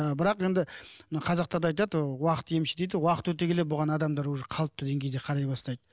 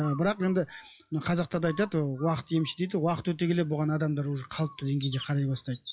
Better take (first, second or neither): first